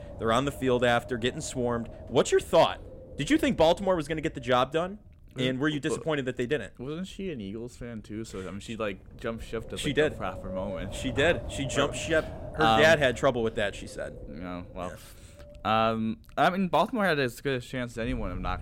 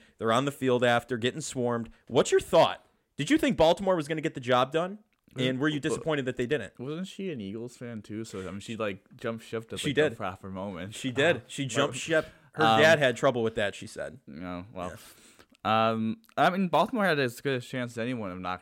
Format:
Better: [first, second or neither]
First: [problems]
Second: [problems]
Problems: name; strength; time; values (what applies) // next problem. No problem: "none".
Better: second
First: wind noise on the microphone; occasional gusts; 20 dB below the speech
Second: none